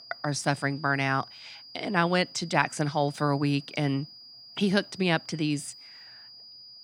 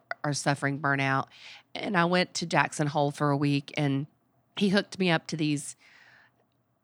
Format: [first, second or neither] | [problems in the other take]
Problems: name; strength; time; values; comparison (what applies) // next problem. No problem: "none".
second | high-pitched whine; noticeable; throughout; 5 kHz, 20 dB below the speech